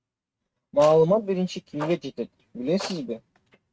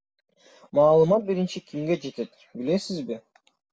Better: second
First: noise reduction (neural mask model RNNoise)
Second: none

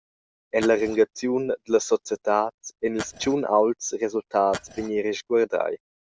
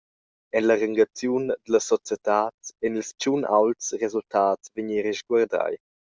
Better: second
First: background sound (Glass); 13 dB below the speech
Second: none

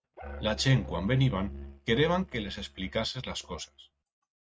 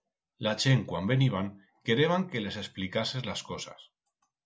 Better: second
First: noise reduction (neural mask model RNNoise)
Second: none

